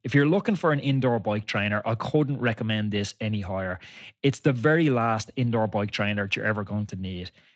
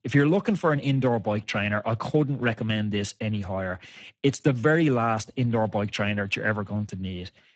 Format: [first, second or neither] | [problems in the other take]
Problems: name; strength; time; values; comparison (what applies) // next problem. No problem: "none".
first | garbled, watery; badly; nothing above 8 kHz; slightly in the first